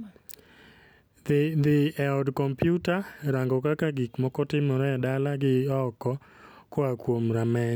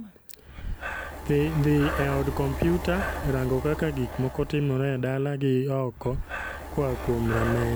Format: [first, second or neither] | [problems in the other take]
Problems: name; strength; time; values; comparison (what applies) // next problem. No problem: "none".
first | background sound (Breathing); 7 dB below the speech